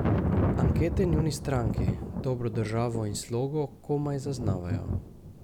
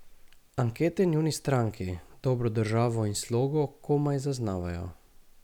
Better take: second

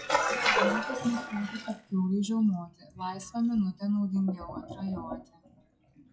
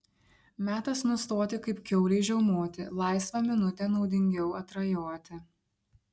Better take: second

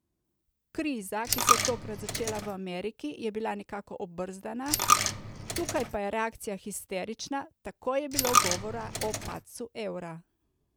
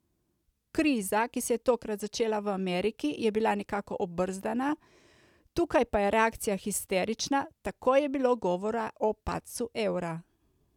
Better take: second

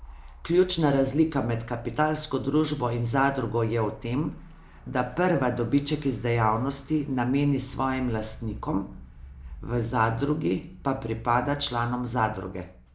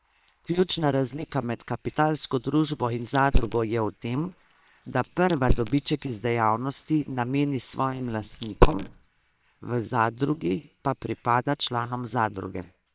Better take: first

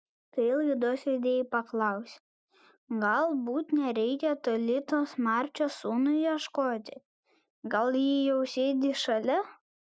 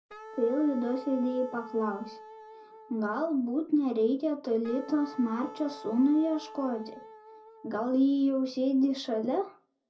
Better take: first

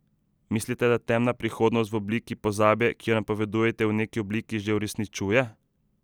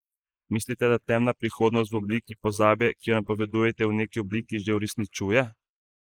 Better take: first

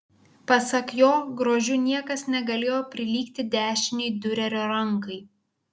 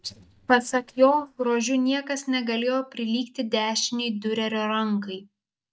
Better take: first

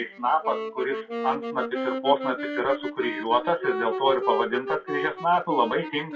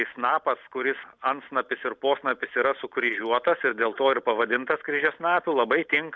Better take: second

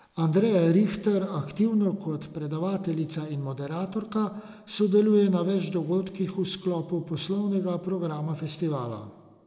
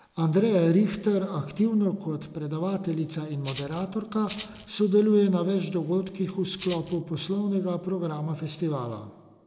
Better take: first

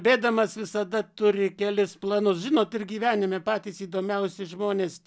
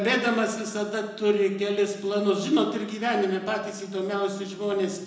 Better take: first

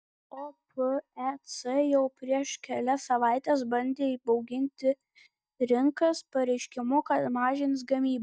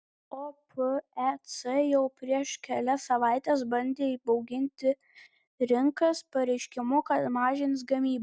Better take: second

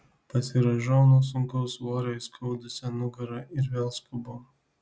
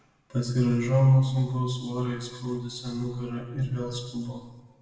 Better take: first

